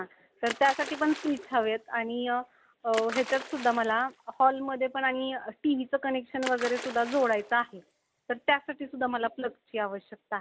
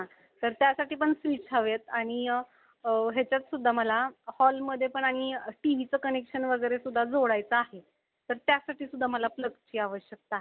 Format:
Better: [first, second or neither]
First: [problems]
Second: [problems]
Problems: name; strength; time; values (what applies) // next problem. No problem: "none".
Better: second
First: background sound (Splash, splatter); 14 dB below the speech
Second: none